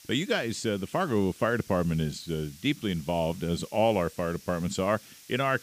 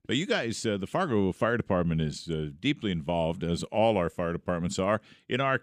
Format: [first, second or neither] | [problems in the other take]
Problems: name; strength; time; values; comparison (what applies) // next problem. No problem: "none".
second | hiss; faint; throughout; 20 dB below the speech